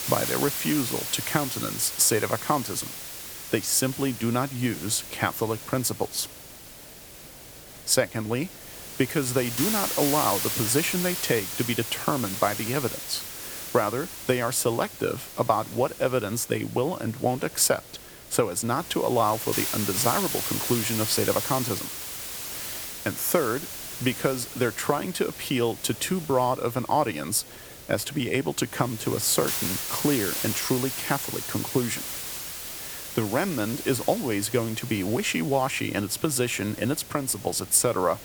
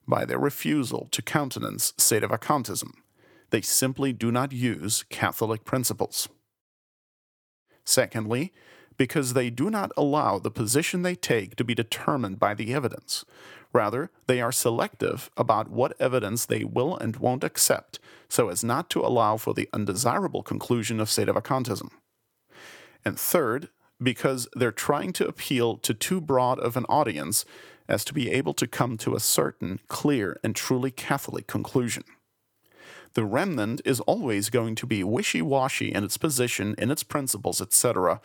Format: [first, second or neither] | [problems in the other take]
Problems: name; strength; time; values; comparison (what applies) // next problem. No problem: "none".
second | hiss; loud; throughout; 5 dB below the speech